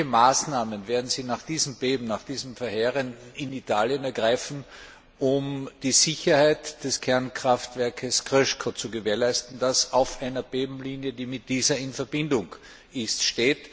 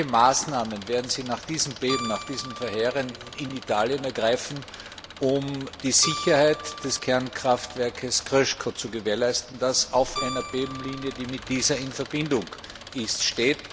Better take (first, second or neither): first